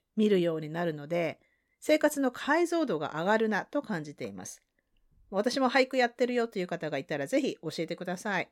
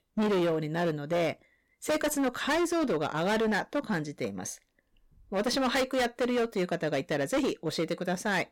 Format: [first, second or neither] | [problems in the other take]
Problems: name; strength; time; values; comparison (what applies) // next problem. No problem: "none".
first | distortion; heavy; 17% of the sound clipped